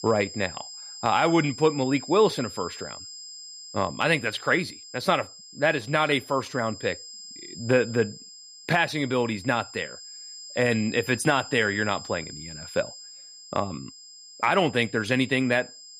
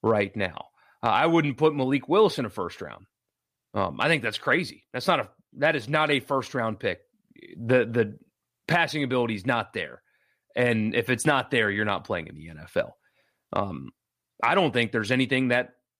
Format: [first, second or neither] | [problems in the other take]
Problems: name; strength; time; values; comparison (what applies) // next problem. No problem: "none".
second | high-pitched whine; noticeable; throughout; 5 kHz, 15 dB below the speech